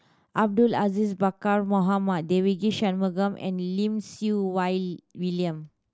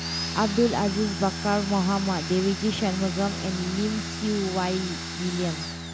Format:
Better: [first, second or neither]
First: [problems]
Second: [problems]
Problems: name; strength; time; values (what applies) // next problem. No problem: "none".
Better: first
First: none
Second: background sound (Domestic sounds, home sounds + Bowed string instrument); 6 dB below the speech